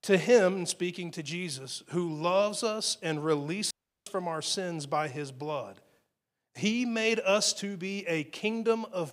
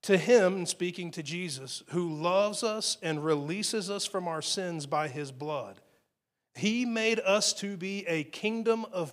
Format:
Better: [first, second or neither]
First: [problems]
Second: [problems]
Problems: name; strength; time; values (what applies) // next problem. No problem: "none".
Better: second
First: audio cutting out; at 3.5 s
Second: none